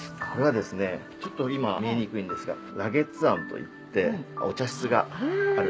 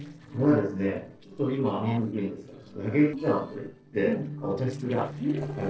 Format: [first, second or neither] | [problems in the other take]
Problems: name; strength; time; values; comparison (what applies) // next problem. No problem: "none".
first | noise reduction (neural separator model SepFormer DNS4)